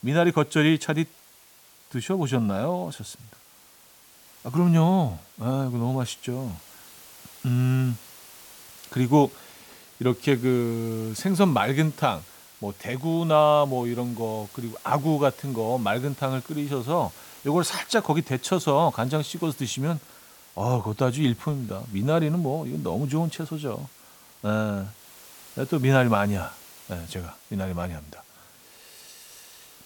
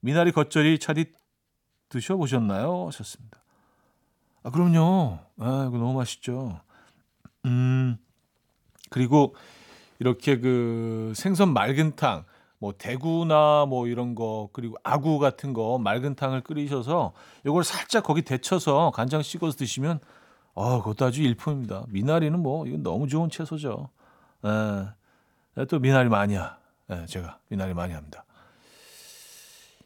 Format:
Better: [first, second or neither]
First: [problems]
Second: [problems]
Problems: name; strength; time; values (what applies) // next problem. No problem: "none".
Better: second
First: hiss; faint; throughout; 20 dB below the speech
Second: none